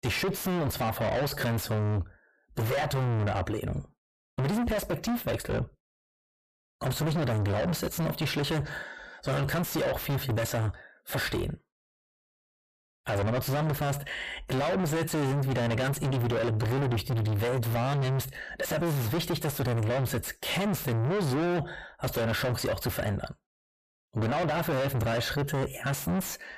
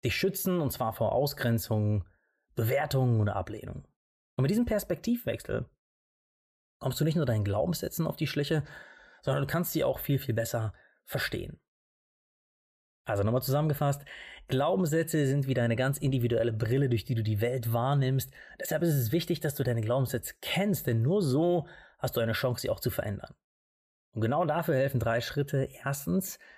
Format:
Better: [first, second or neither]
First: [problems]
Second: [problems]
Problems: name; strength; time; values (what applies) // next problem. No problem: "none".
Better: second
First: distortion; heavy; 5 dB below the speech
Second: none